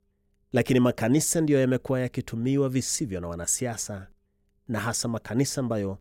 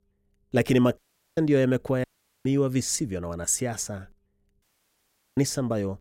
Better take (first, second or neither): first